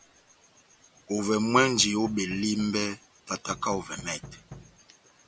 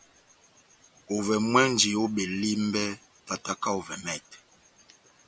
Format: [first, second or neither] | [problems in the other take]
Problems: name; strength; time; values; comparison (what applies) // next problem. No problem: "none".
second | background sound (Knock); 17 dB below the speech